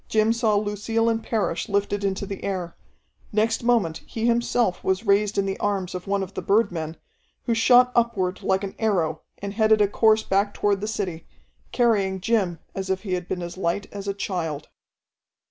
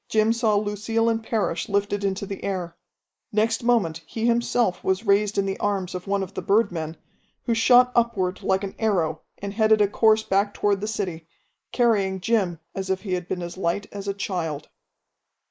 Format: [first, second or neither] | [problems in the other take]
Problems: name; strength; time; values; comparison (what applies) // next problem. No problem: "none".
first | noise reduction (neural mask model Resemble Enhance denoiser)